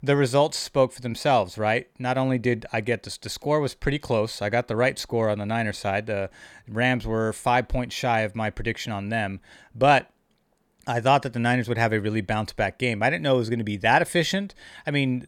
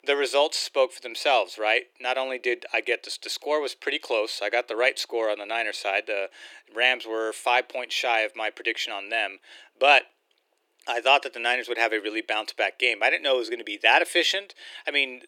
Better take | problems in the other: first | thin; very; fading below 350 Hz

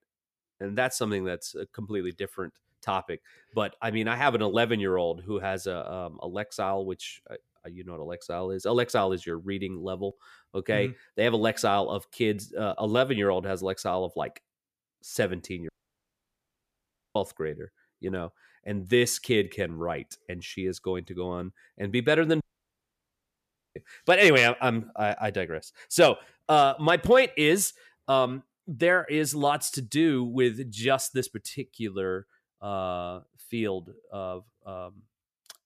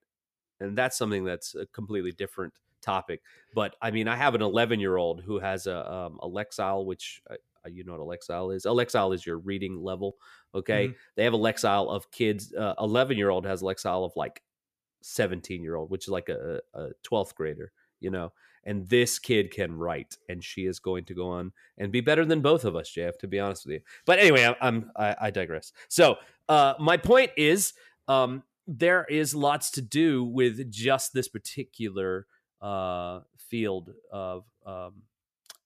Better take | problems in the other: second | audio cutting out; at 16 s for 1.5 s and at 22 s for 1.5 s

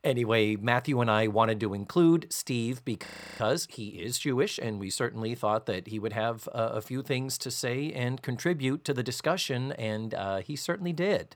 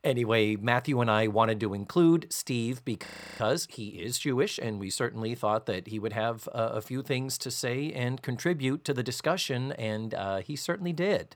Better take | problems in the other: neither | audio freezing; at 3 s; the same in both

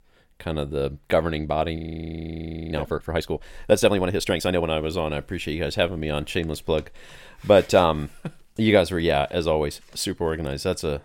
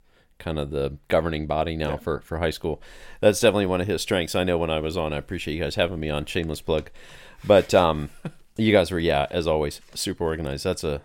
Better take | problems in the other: second | audio freezing; at 2 s for 1 s

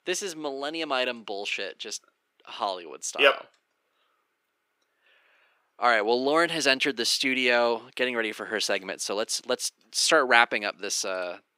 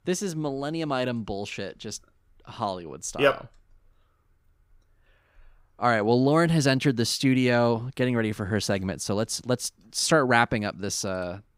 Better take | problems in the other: second | thin; somewhat; fading below 350 Hz

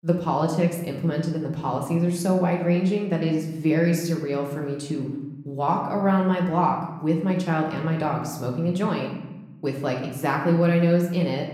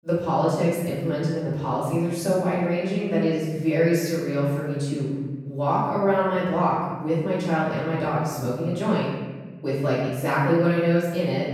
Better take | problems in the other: first | room echo; strong; dies away in 1.3 s; slight in the first // off-mic speech; far; somewhat distant in the first

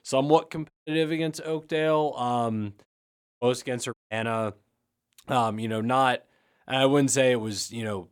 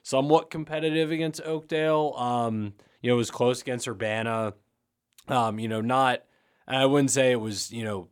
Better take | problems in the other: second | audio cutting out; at 0.5 s, at 3 s for 0.5 s and at 4 s

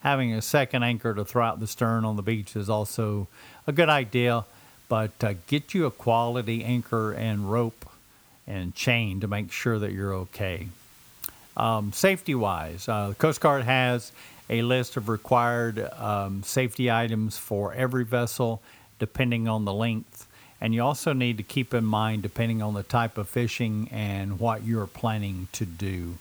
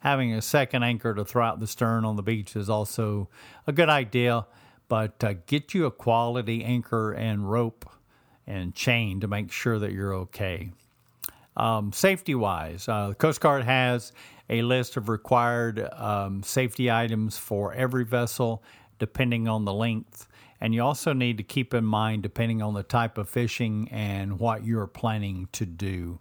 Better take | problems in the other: second | hiss; faint; throughout; 25 dB below the speech

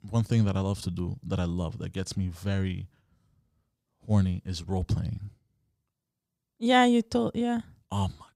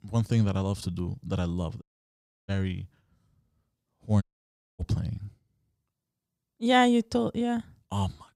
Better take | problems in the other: first | audio cutting out; at 2 s for 0.5 s and at 4 s for 0.5 s

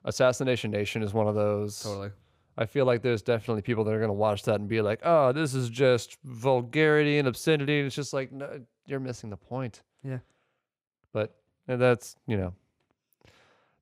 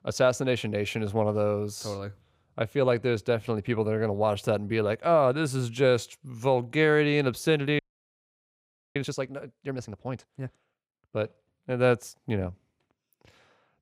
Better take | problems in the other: first | audio freezing; at 8 s for 1 s

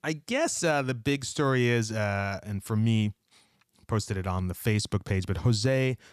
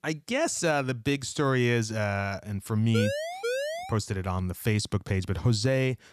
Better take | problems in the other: first | siren; noticeable; at 3 s; peak 2 dB below the speech

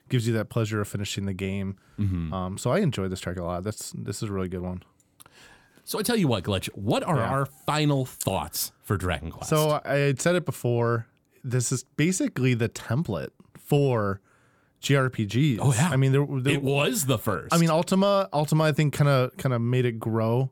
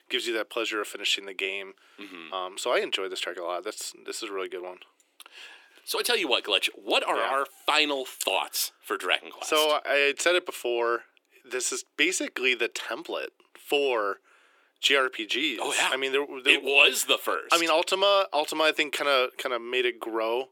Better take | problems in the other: first | thin; very; fading below 350 Hz

